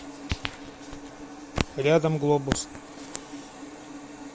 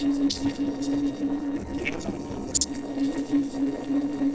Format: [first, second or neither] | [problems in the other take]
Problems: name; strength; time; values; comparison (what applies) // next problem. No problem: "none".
first | noise reduction (neural separator model SepFormer DNS4)